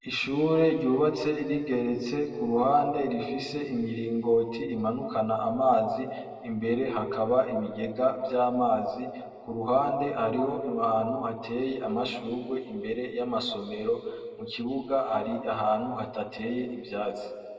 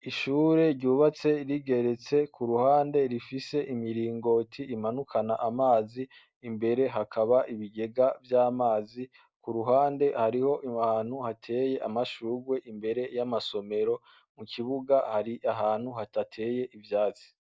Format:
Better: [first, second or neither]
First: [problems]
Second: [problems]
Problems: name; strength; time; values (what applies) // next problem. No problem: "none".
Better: second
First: room echo; dies away in 1.9 s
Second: none